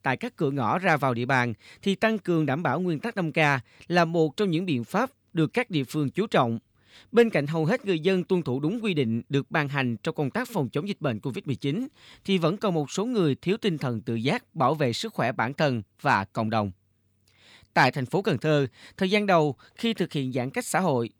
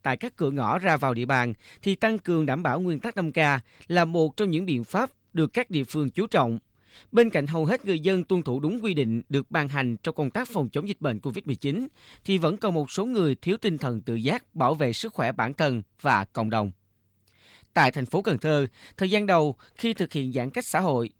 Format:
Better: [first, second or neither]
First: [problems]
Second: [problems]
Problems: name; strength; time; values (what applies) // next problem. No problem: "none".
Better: first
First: none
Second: garbled, watery; slightly; nothing above 19 kHz